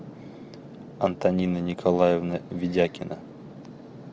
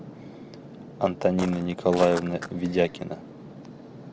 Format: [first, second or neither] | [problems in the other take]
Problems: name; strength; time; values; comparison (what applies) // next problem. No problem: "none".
first | background sound (Walk, footsteps); 11 dB below the speech